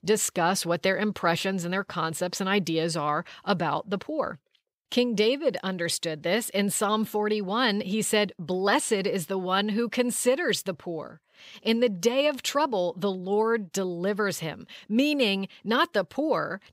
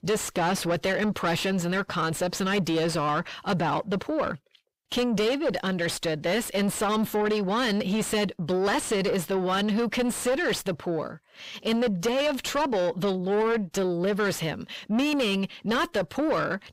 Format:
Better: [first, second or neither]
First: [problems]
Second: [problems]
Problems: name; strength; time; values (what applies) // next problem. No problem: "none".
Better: first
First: none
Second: distortion; heavy; 7 dB below the speech